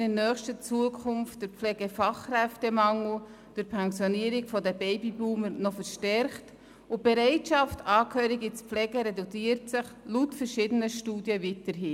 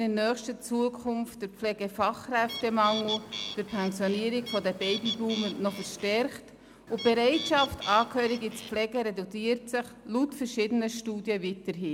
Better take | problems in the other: first | background sound (Bird); 9 dB below the speech

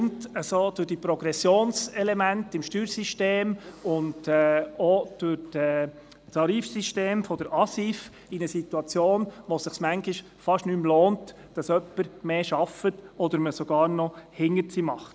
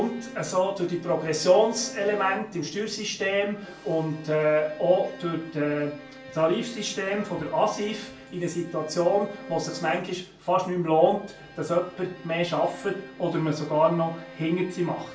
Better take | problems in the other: first | background sound (Bowed string instrument); 18 dB below the speech // room echo; dies away in 0.3 s

